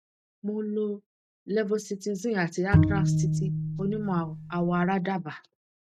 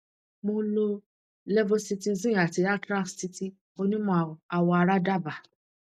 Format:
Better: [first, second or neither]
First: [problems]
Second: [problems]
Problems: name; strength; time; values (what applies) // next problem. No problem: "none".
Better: second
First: noise reduction (neural mask model RNNoise)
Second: none